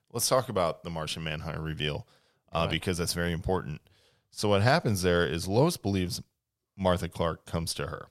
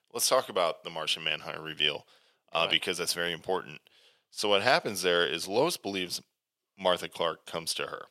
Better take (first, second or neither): first